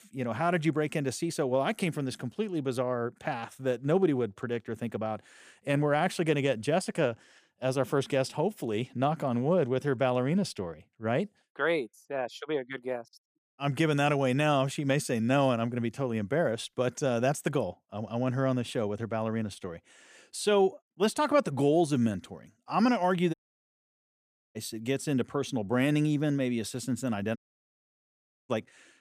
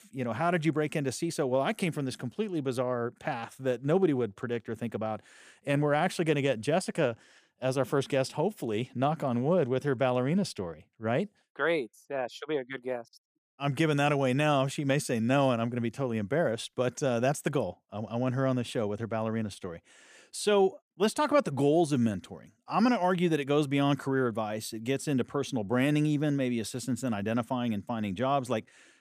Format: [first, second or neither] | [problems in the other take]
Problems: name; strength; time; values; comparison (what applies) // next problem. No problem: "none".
second | audio cutting out; at 23 s for 1 s and at 27 s for 1 s